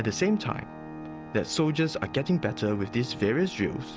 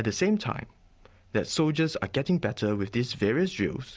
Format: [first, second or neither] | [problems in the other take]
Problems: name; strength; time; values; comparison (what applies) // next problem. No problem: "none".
second | background sound (Organ); 13 dB below the speech